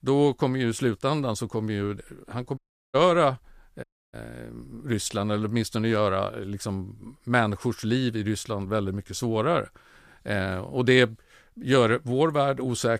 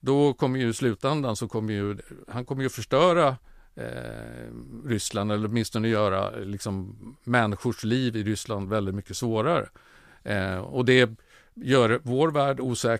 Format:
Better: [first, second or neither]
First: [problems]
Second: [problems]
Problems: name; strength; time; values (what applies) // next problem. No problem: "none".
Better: second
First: audio cutting out; at 2.5 s and at 4 s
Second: none